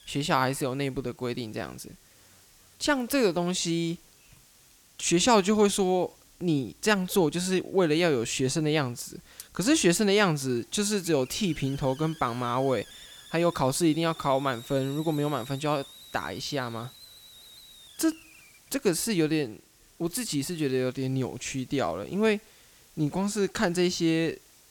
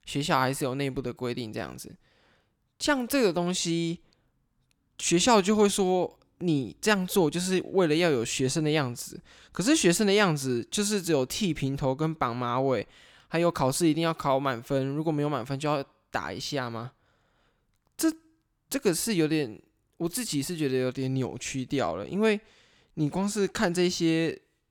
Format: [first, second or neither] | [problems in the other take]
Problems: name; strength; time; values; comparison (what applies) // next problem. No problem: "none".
second | hiss; faint; throughout; 25 dB below the speech